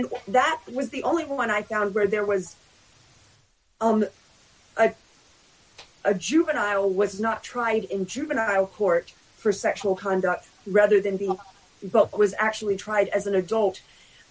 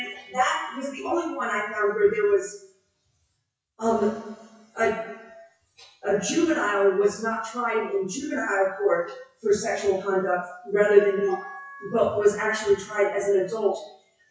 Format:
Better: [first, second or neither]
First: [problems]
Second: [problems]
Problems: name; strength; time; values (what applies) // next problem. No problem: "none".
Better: first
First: none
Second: noise reduction (classical method WPE with log-MMSE)